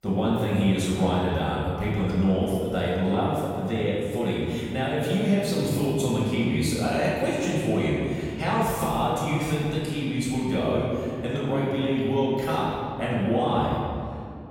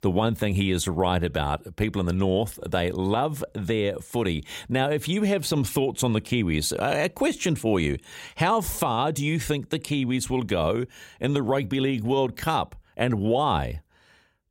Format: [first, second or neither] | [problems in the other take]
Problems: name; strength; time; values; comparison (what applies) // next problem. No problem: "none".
second | room echo; strong; dies away in 2.2 s // off-mic speech; far